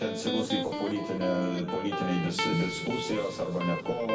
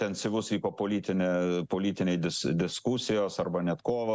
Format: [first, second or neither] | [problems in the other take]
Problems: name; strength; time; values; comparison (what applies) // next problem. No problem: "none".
second | background sound (Electric guitar); 4 dB below the speech // room echo; dies away in 2.2 s